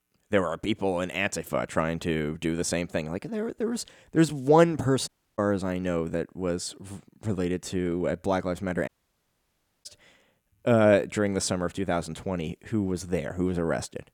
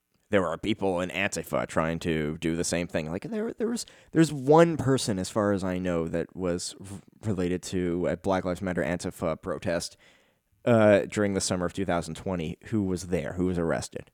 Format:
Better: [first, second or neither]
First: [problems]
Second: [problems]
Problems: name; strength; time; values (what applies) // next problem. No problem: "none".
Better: second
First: audio cutting out; at 5 s and at 9 s for 1 s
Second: none